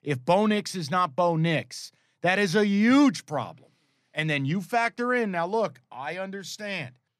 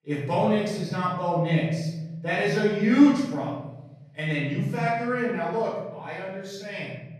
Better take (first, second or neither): first